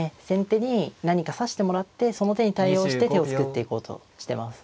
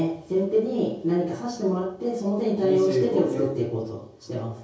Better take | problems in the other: first | room echo; dies away in 0.6 s

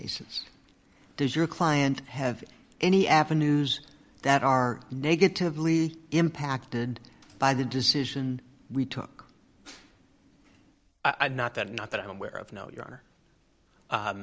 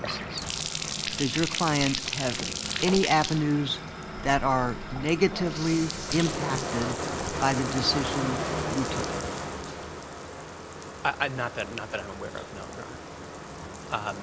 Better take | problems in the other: first | background sound (Bathtub (filling or washing)); 4 dB below the speech

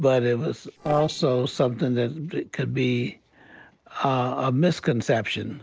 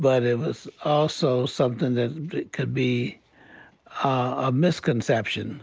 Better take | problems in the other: second | noise reduction (neural separator model SepFormer DNS4)

